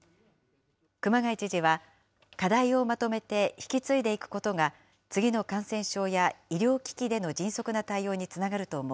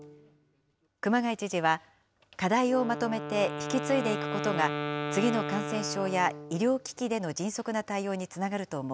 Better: first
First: none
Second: background sound (Wind instrument, woodwind instrument); 8 dB below the speech

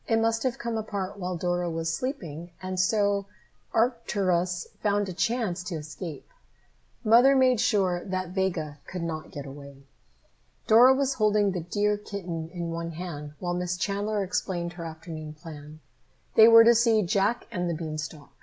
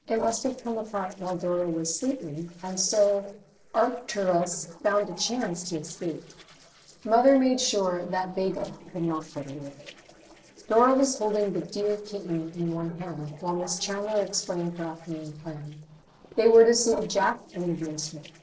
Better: first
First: none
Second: noise reduction (neural separator model SepFormer DNS4)

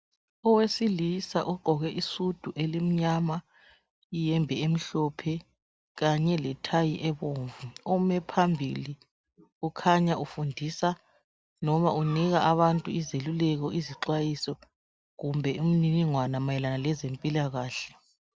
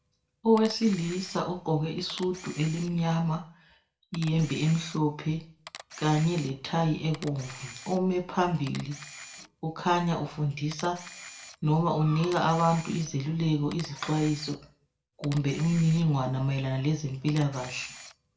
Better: first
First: none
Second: background sound (Camera); 19 dB below the speech // room echo; dies away in 0.3 s

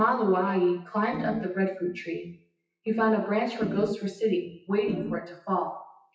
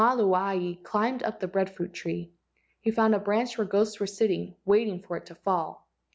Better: second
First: noise reduction (classical method WPE with log-MMSE)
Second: none

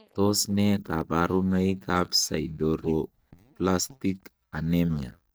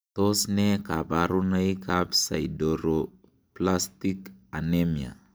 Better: second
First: noise reduction (neural mask model DeepFilterNet 3)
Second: none

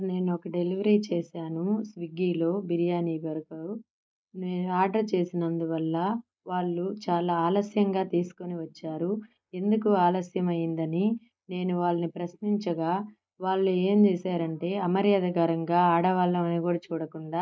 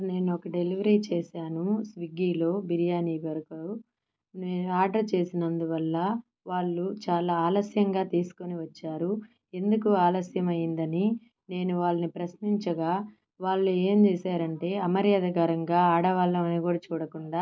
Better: second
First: noise reduction (neural mask model Resemble Enhance denoiser)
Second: none

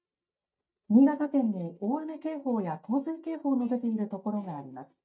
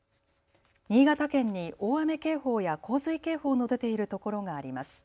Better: second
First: noise reduction (neural mask model DeepFilterNet 3)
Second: none

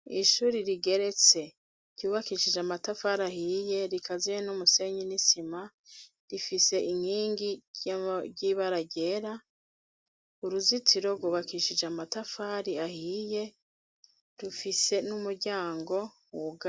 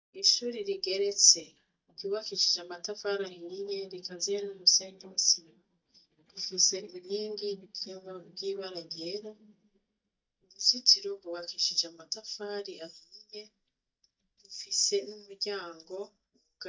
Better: first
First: none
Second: noise reduction (neural mask model DeepFilterNet 3)

